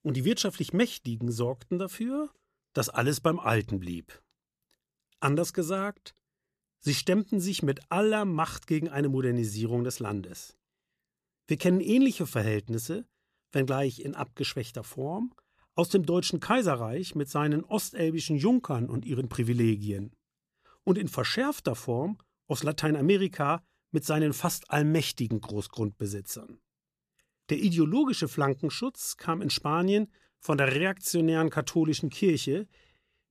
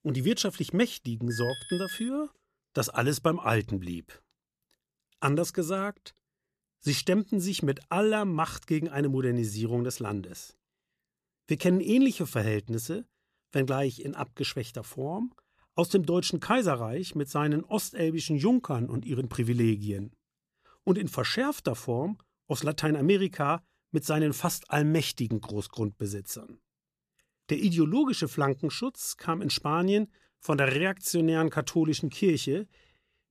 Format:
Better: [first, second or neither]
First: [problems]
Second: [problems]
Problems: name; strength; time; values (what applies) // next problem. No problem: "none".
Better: first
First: none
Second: alarm; noticeable; at 1.5 s; peak 8 dB below the speech